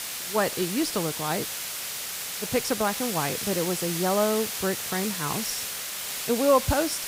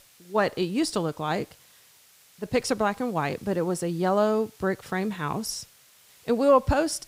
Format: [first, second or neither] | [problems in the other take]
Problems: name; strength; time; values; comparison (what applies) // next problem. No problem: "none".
second | hiss; loud; throughout; 3 dB below the speech; faint in the second